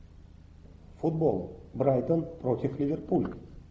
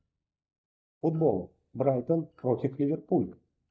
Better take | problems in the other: first | noise reduction (neural mask model DeepFilterNet 3)

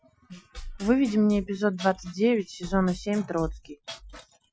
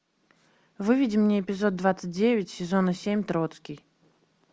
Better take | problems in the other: second | noise reduction (classical method Wiener filter)

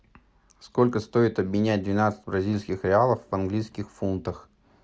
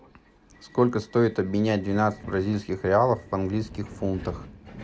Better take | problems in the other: first | background sound (Subway, metro, underground); 19 dB below the speech

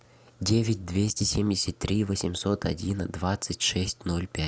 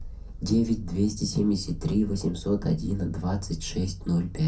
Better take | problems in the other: first | background sound (Purr); 12 dB below the speech // room echo; dies away in 0.3 s

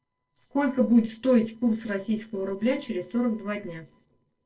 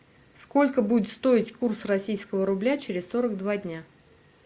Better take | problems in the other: second | noise reduction (neural separator model SepFormer DNS4)

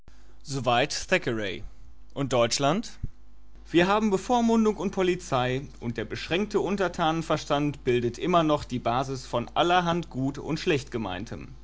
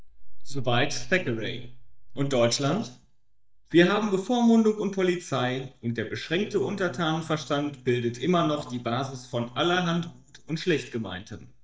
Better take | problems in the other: first | noise reduction (neural mask model DeepFilterNet 3)

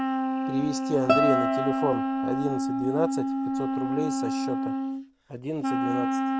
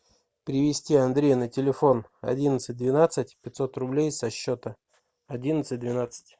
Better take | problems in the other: second | background sound (Wind instrument, woodwind instrument + Guitar); 5 dB above the speech

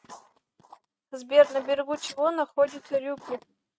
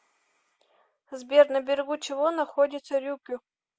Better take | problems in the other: second | noise reduction (neural mask model RNNoise)

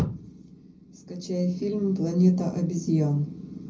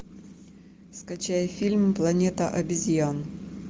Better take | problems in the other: second | room echo; dies away in 0.4 s

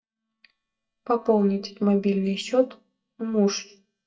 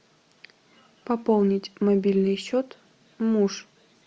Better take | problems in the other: second | noise reduction (neural mask model DeepFilterNet 3)

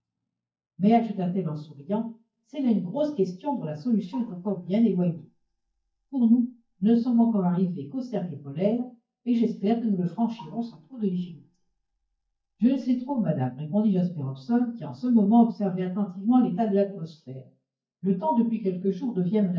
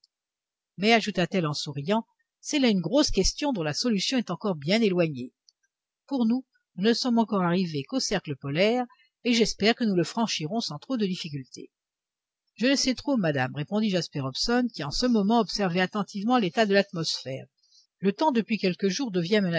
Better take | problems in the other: second | noise reduction (neural mask model DeepFilterNet 3)

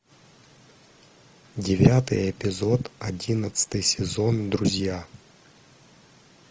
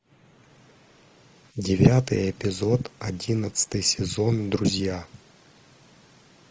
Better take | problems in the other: first | noise reduction (neural mask model Resemble Enhance denoiser)

